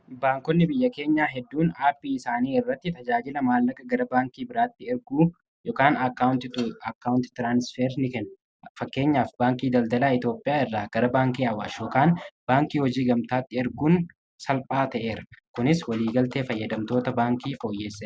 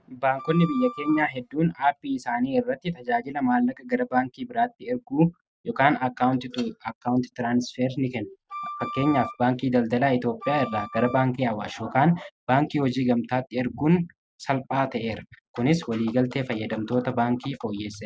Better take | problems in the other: first | noise reduction (neural mask model RNNoise)

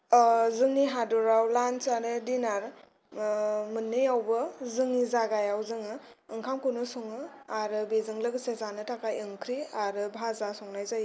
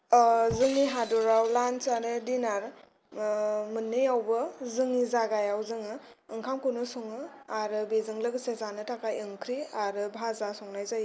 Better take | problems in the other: first | background sound (Shatter); 17 dB below the speech

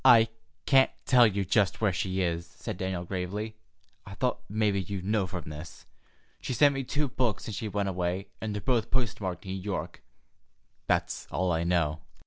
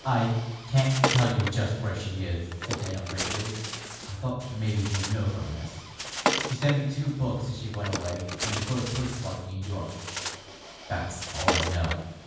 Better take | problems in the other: first | background sound (Bird); 5 dB below the speech // room echo; dies away in 1.2 s

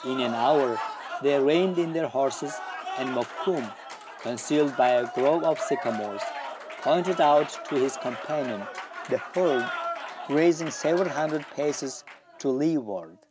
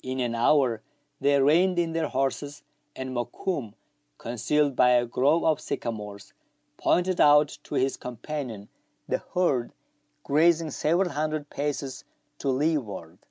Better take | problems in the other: second | background sound (Applause / Cheering); 10 dB below the speech

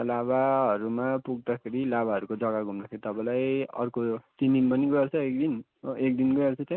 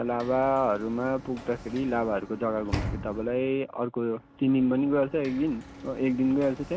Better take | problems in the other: first | background sound (Sliding door / Slam); 13 dB below the speech

